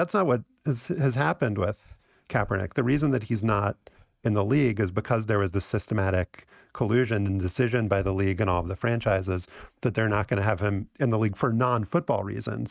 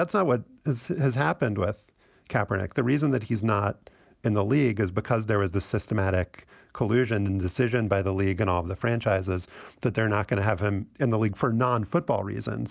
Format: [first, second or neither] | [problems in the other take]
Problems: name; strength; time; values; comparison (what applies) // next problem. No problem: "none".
second | noise reduction (neural mask model RNNoise)